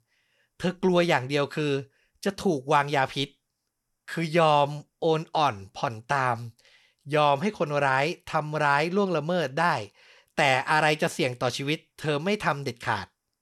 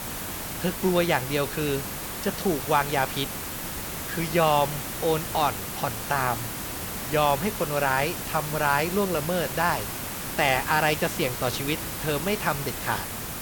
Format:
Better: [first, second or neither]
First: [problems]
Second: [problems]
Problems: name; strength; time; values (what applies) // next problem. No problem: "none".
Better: first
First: none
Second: hiss; loud; throughout; 5 dB below the speech